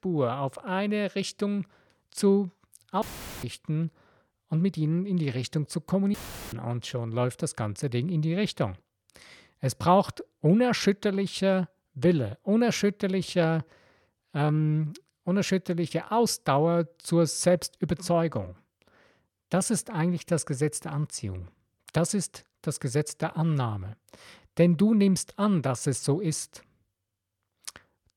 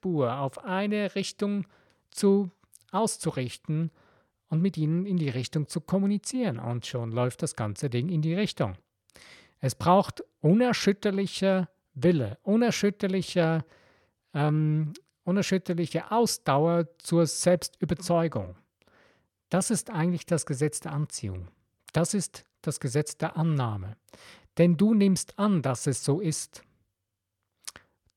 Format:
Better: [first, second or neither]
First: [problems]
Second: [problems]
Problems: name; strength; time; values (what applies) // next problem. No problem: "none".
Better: second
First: audio cutting out; filled with static; at 3 s and at 6 s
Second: none